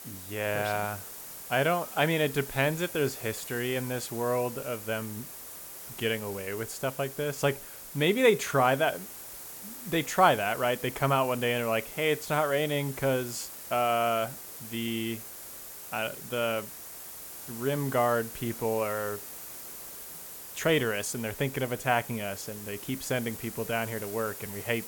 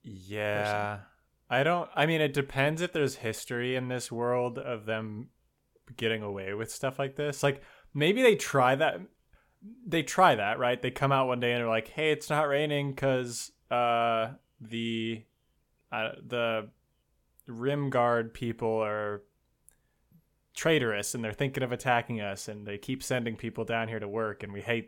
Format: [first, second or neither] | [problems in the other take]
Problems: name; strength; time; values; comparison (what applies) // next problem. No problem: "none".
second | hiss; noticeable; throughout; 10 dB below the speech